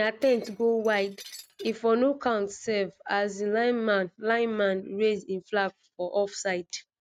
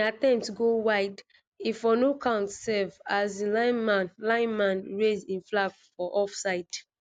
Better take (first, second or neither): second